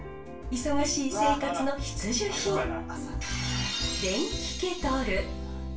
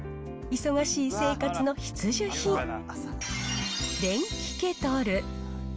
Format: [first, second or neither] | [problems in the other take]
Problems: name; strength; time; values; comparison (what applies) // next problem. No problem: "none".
second | room echo; dies away in 0.3 s